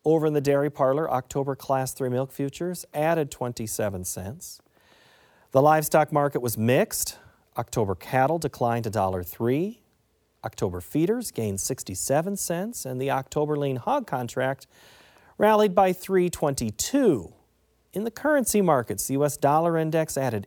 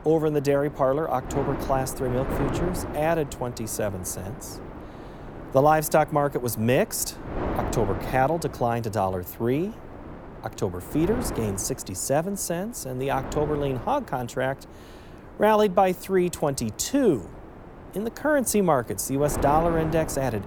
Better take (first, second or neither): first